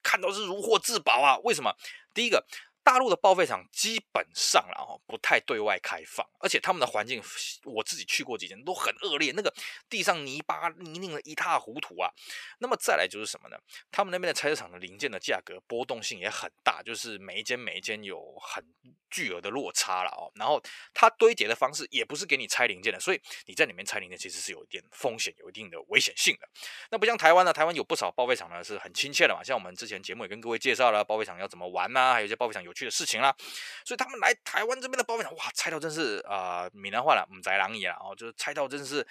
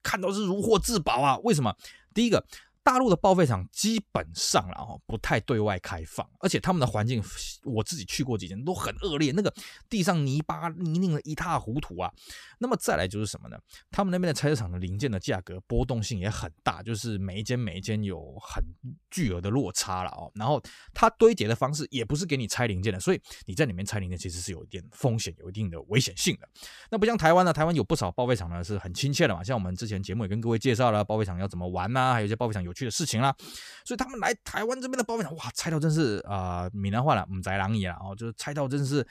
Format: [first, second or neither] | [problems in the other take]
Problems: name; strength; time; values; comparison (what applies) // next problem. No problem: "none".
second | thin; very; fading below 550 Hz